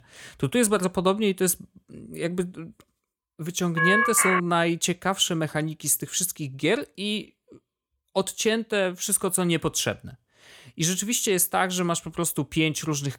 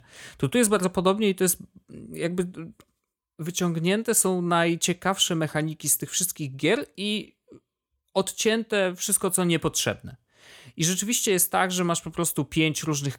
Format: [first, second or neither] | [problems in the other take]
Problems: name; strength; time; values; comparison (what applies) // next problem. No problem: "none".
second | phone ringing; loud; at 4 s; peak 4 dB above the speech